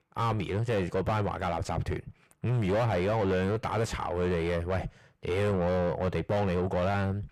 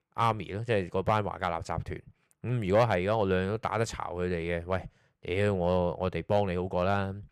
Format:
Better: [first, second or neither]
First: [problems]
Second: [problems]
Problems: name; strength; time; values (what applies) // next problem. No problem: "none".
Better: second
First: distortion; heavy; 6 dB below the speech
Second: none